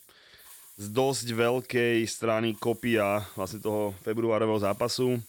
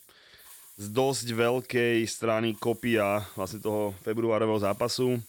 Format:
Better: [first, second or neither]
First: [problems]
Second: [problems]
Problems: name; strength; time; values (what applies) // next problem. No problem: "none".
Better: neither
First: hiss; faint; throughout; 20 dB below the speech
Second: hiss; faint; throughout; 20 dB below the speech